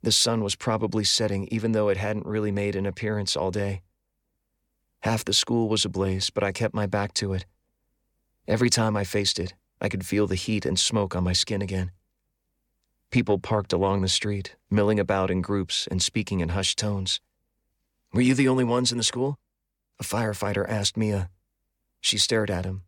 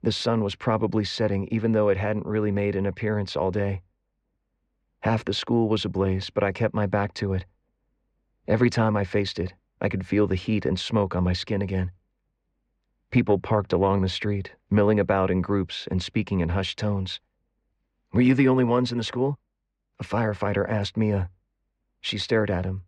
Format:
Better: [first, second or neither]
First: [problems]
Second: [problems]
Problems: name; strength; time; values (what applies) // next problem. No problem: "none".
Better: first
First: none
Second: muffled; slightly; fading above 2.5 kHz